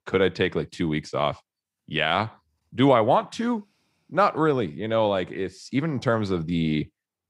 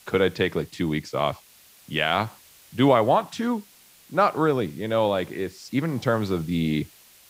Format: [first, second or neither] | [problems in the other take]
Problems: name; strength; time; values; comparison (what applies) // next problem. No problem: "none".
first | hiss; faint; throughout; 25 dB below the speech